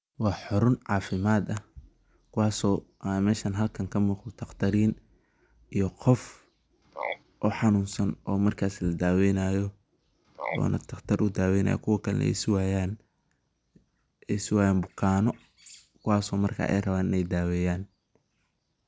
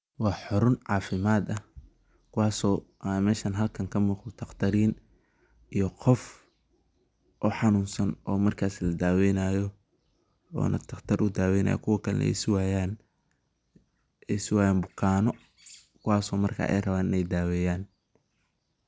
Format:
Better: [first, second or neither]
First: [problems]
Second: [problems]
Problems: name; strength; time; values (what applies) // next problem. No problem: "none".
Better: second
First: background sound (Frog); 14 dB below the speech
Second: none